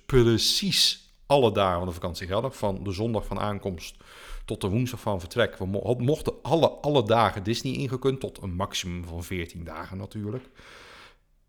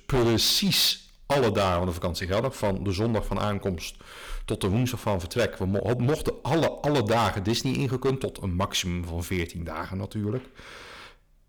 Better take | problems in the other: first | distortion; heavy; 10% of the sound clipped

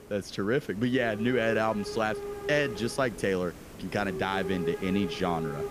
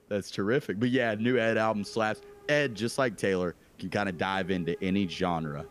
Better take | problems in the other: second | hiss; loud; throughout; 9 dB below the speech; faint in the second

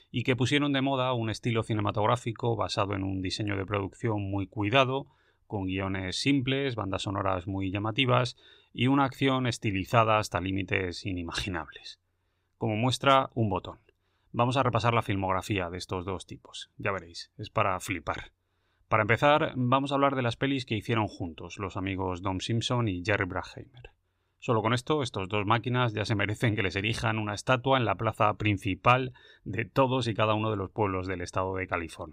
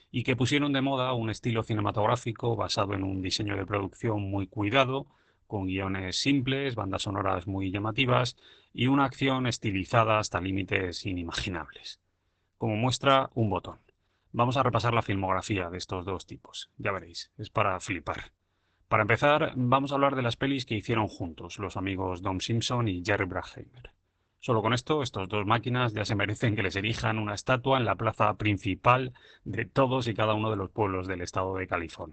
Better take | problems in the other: first | garbled, watery; badly; nothing above 8 kHz

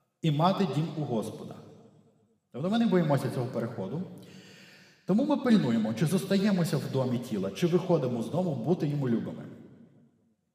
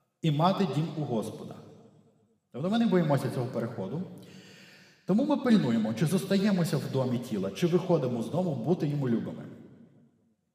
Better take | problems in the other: neither | room echo; slight; dies away in 1.7 s; the same in both

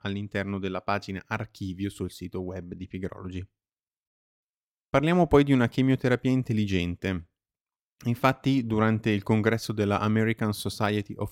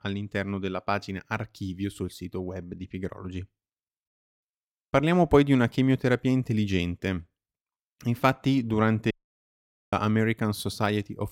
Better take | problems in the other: first | audio cutting out; at 9 s for 1 s

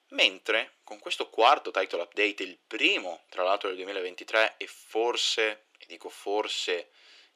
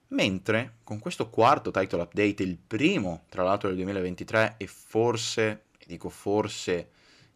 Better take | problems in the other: second | thin; very; fading below 350 Hz

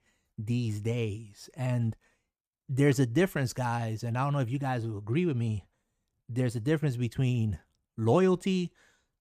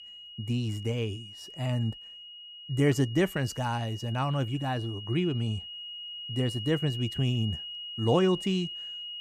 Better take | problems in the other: first | high-pitched whine; loud; throughout; 3 kHz, 10 dB below the speech

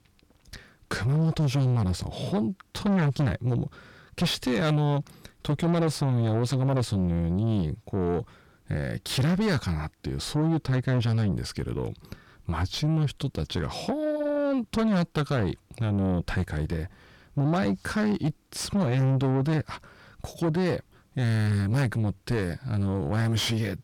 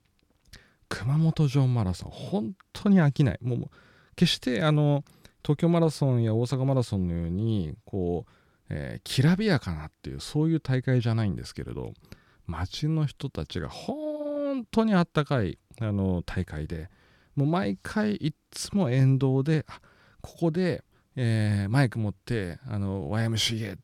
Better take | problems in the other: second | distortion; heavy; 7 dB below the speech

